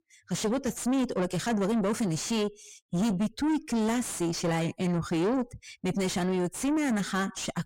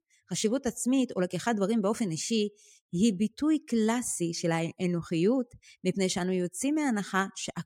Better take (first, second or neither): second